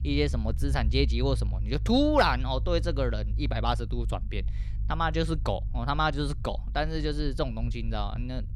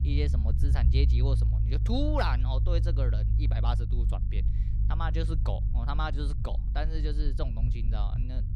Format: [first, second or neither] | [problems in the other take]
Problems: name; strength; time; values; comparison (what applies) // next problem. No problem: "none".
first | low rumble; loud; throughout; 8 dB below the speech; faint in the first